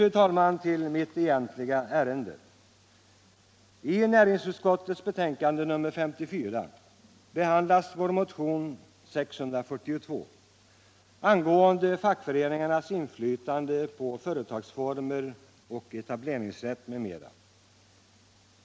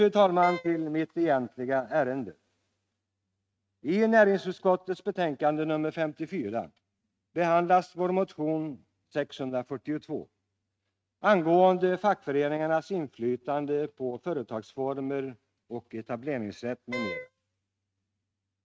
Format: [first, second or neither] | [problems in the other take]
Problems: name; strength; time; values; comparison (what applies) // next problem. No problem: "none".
first | noise reduction (neural mask model RNNoise)